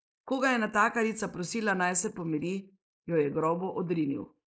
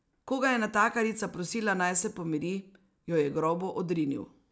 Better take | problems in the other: second | noise reduction (neural mask model Resemble Enhance denoiser)

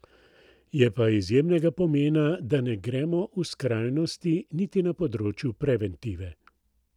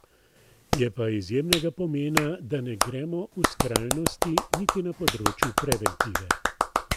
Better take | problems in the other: first | background sound (Clapping); 1 dB above the speech

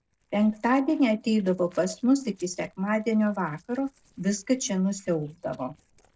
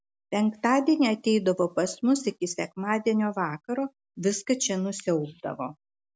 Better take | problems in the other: second | noise reduction (neural separator model SepFormer DNS4)

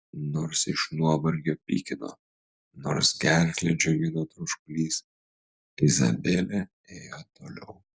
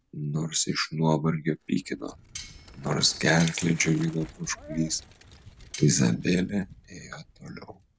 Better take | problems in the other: first | background sound (Bicycle + Cutlery, silverware); 18 dB below the speech

